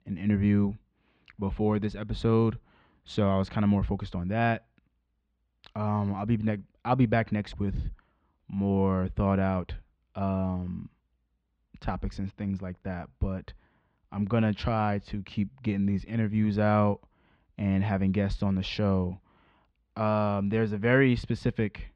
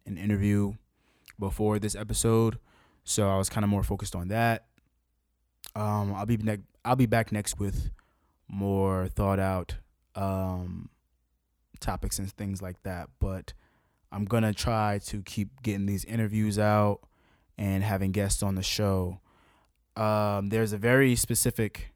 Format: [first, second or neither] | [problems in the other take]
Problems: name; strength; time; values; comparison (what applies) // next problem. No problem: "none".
second | muffled; slightly; fading above 3.5 kHz